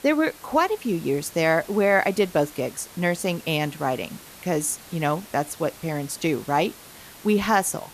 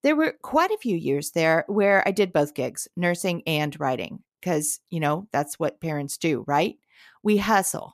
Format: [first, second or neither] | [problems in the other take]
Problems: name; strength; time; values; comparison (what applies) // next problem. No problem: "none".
second | hiss; noticeable; throughout; 20 dB below the speech